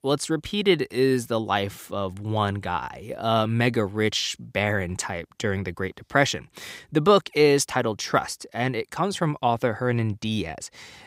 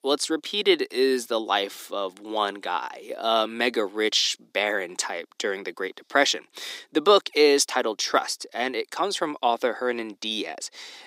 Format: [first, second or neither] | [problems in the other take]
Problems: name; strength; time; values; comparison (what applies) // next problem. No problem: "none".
first | thin; somewhat; fading below 300 Hz